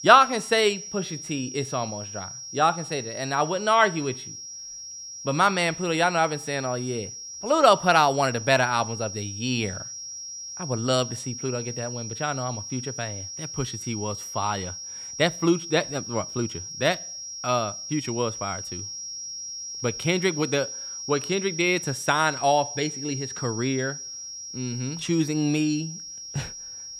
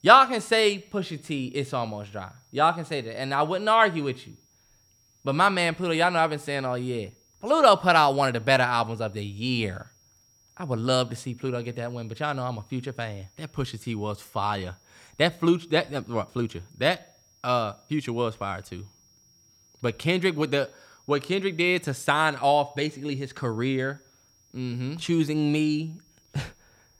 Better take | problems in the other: second | high-pitched whine; loud; throughout; 5.5 kHz, 9 dB below the speech; faint in the second

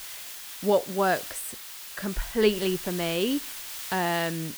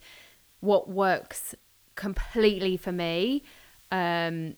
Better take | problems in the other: second | hiss; loud; throughout; 8 dB below the speech; faint in the second

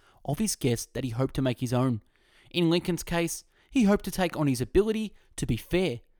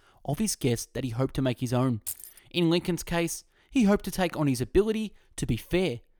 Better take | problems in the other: first | jangling keys; noticeable; at 2 s; peak 8 dB below the speech

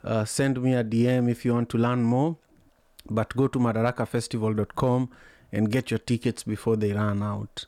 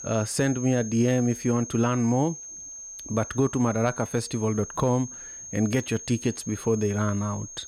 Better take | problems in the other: first | high-pitched whine; noticeable; throughout; 6.5 kHz, 10 dB below the speech

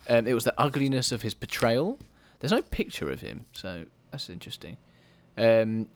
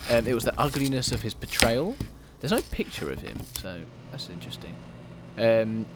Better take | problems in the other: first | household noises; loud; throughout; 7 dB below the speech; faint in the first

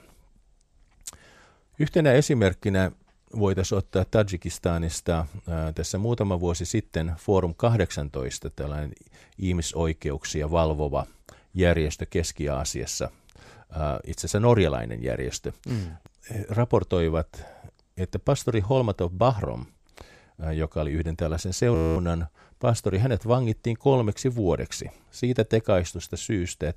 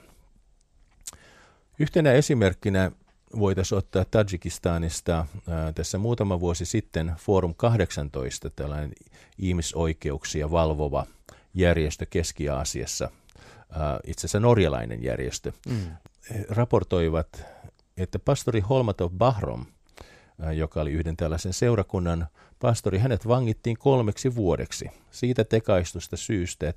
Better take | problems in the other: second | audio freezing; at 22 s

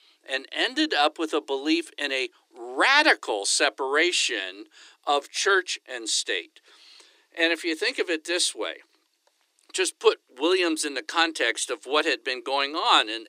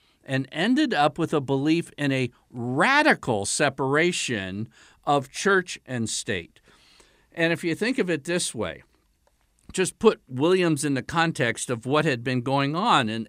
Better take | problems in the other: second | thin; very; fading below 300 Hz

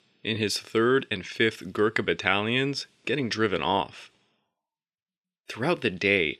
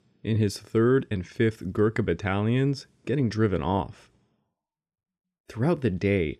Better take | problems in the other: second | thin; somewhat; fading below 550 Hz

